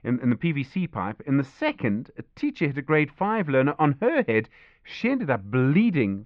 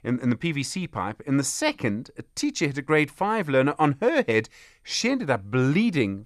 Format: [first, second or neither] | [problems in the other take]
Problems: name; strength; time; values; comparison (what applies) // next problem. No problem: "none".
second | muffled; very; fading above 3 kHz